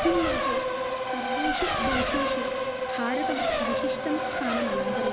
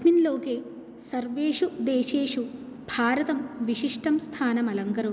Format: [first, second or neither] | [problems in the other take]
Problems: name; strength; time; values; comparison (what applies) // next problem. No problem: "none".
second | background sound (Race car, auto racing); 4 dB above the speech